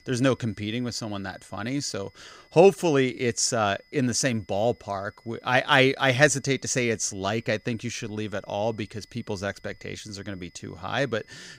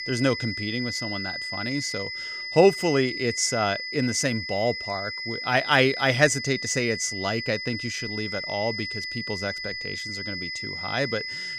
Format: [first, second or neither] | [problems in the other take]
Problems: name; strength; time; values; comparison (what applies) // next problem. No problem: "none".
first | high-pitched whine; loud; throughout; 2 kHz, 5 dB below the speech; faint in the first